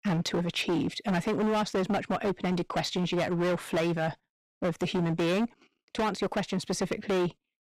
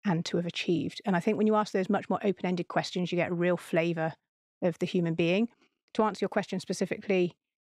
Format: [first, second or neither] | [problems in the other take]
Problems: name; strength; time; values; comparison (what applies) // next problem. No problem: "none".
second | distortion; heavy; 20% of the sound clipped